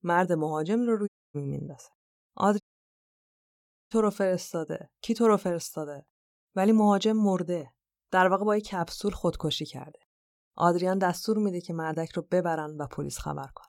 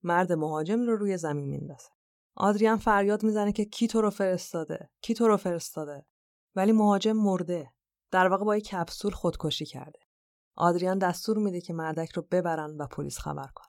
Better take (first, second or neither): second